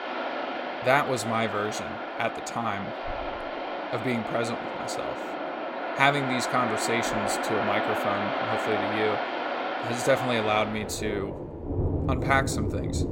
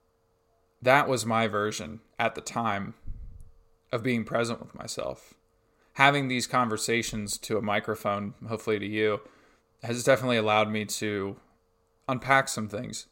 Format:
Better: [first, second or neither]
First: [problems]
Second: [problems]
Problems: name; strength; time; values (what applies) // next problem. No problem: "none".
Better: second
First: rain or running water; loud; throughout; 2 dB below the speech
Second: none